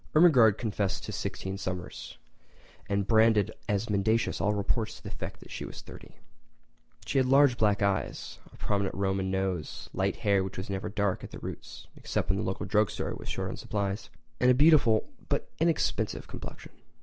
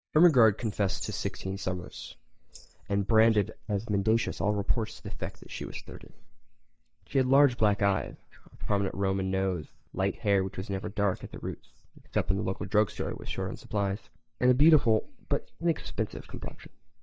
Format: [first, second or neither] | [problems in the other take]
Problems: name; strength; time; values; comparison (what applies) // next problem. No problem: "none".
first | noise reduction (neural mask model DeepFilterNet 3)